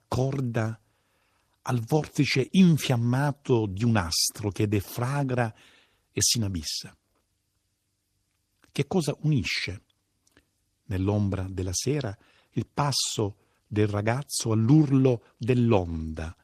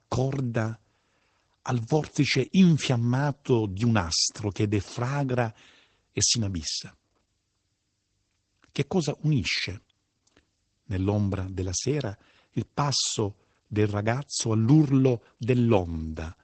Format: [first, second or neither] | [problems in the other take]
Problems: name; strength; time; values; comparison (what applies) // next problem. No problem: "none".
first | garbled, watery; badly; nothing above 8 kHz; slightly in the first